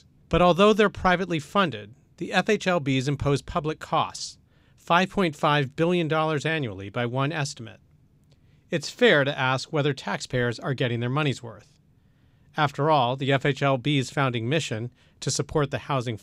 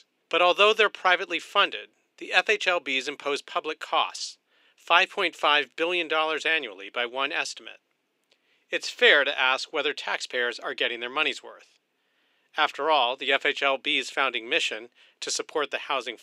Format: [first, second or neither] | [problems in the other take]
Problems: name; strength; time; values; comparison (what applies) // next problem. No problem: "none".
first | thin; very; fading below 350 Hz